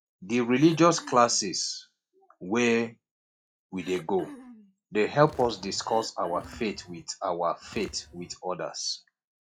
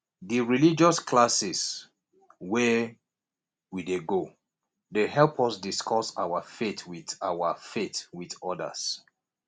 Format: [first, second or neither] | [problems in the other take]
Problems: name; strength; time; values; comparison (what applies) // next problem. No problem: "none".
second | noise reduction (classical method log-MMSE)